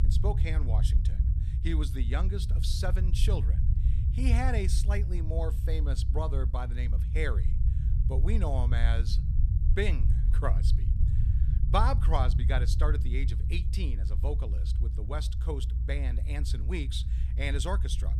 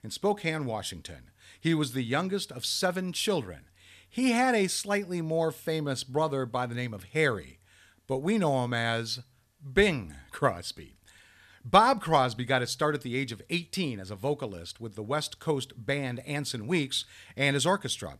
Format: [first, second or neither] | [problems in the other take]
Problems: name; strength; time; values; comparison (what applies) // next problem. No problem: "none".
second | low rumble; loud; throughout; 9 dB below the speech